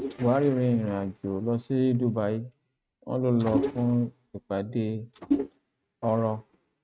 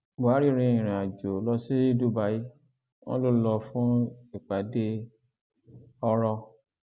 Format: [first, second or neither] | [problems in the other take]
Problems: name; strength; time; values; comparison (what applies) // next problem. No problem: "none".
second | noise reduction (neural mask model RNNoise)